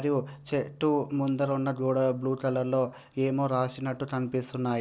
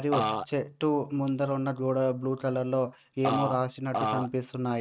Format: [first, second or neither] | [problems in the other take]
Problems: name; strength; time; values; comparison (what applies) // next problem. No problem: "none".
first | noise reduction (neural mask model RNNoise)